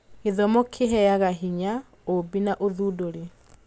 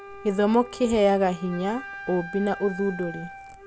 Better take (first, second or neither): first